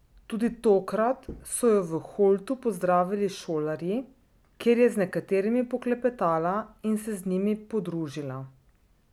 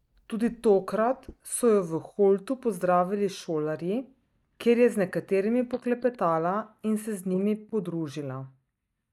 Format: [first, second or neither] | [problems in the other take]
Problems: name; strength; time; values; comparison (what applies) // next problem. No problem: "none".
first | noise reduction (neural mask model DeepFilterNet 3)